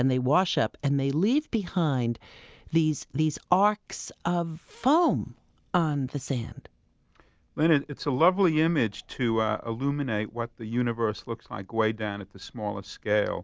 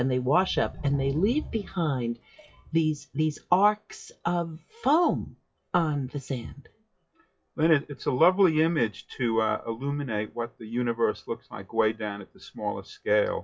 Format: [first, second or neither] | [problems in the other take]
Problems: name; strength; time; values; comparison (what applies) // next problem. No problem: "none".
first | noise reduction (classical method WPE with log-MMSE)